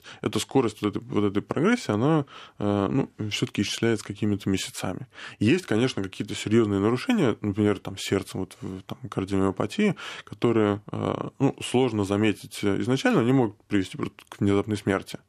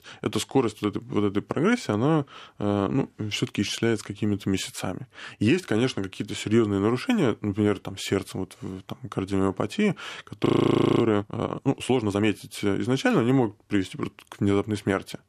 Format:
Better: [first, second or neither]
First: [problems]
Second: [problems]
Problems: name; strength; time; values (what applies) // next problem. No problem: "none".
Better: first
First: none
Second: audio freezing; at 10 s for 0.5 s